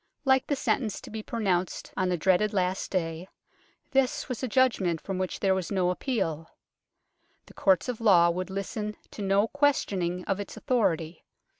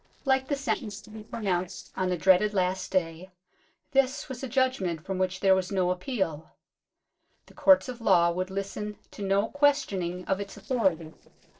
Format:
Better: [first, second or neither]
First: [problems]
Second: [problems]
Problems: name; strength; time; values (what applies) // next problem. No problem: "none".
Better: first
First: none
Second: noise reduction (neural separator model SepFormer DNS4)